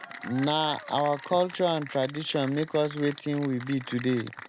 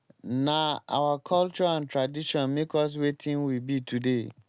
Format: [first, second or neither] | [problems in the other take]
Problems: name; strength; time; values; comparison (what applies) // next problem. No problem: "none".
second | background sound (Applause / Cheering); 15 dB below the speech